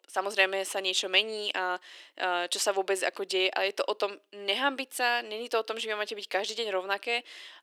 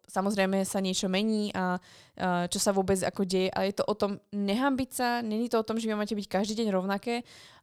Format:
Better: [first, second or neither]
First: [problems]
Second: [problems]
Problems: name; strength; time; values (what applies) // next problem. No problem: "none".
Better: second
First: thin; very; fading below 300 Hz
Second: none